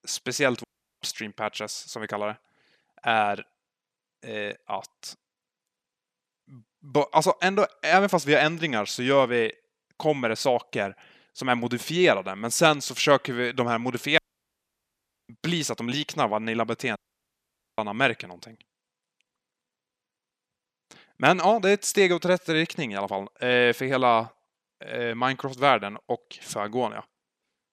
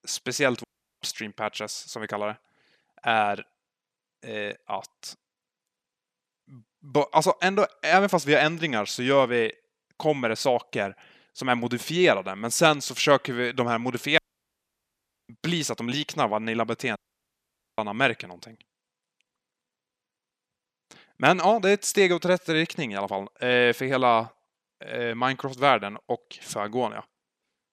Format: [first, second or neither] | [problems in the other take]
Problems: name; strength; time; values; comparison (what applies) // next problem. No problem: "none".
neither | audio cutting out; at 0.5 s, at 14 s for 1 s and at 17 s for 1 s; the same in both